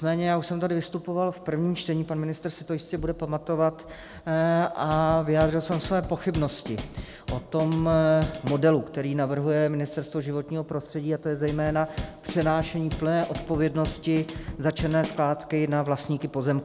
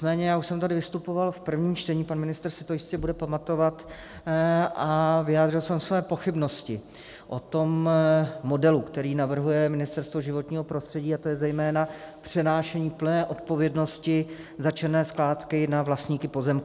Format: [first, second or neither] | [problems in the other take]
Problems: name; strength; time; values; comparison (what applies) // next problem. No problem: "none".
second | background sound (Drum kit); 10 dB below the speech